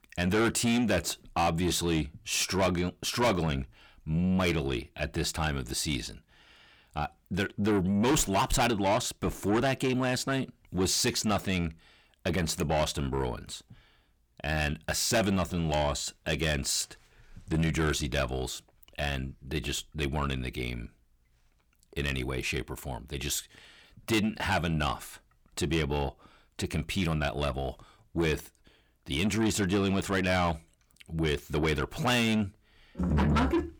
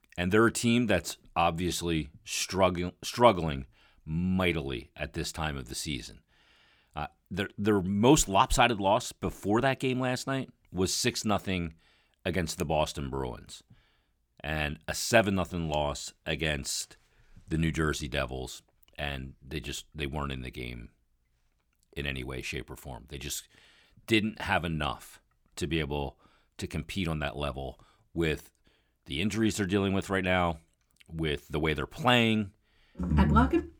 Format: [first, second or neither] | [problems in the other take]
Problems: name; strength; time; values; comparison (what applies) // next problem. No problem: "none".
second | distortion; heavy; 6 dB below the speech